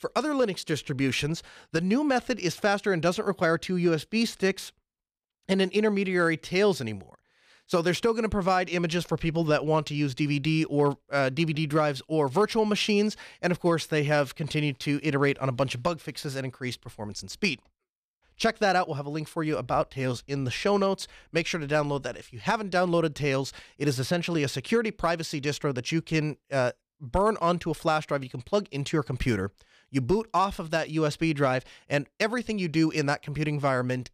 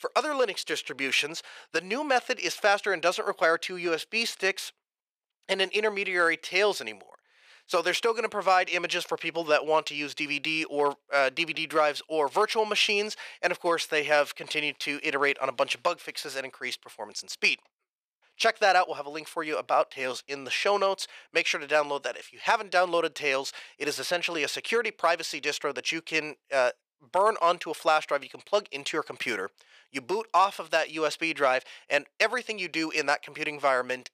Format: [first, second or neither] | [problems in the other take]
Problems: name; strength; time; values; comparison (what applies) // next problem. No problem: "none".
first | thin; very; fading below 600 Hz